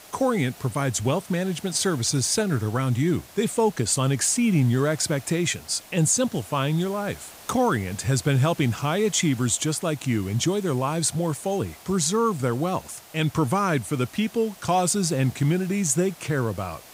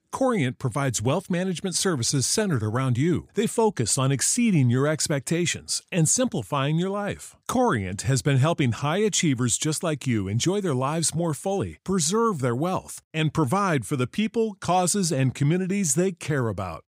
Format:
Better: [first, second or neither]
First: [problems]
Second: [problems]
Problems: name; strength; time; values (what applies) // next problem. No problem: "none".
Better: second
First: hiss; faint; throughout; 20 dB below the speech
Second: none